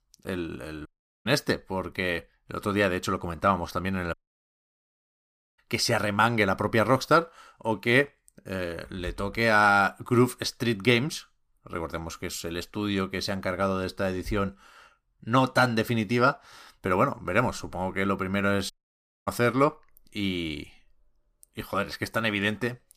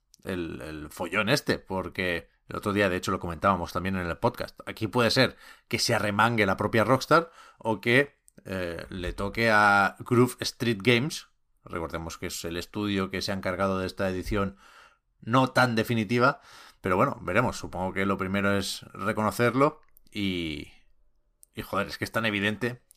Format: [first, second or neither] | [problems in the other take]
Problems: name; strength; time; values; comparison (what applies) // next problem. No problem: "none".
second | audio cutting out; at 1 s, at 4 s for 1.5 s and at 19 s for 0.5 s